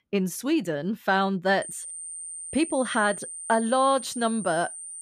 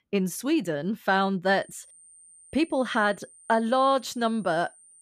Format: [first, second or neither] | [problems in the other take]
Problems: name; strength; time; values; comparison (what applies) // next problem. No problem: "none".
second | high-pitched whine; loud; from 1.5 s on; 9 kHz, 10 dB below the speech; faint in the second